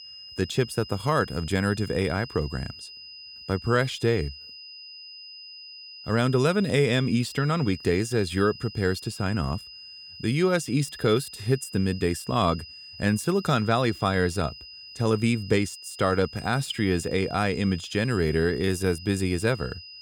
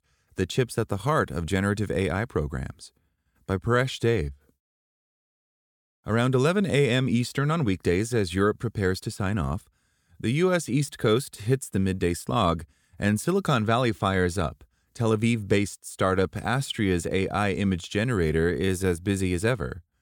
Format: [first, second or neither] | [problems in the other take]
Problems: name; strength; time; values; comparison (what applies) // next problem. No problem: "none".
second | high-pitched whine; noticeable; throughout; 5 kHz, 15 dB below the speech